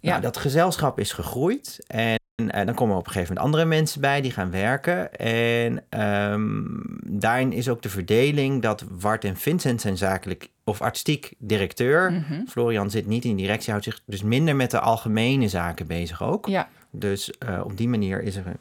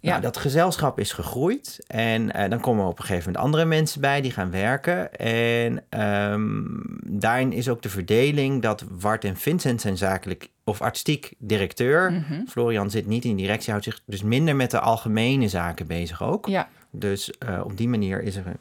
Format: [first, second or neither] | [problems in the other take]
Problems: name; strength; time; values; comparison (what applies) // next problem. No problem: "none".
second | audio freezing; at 2 s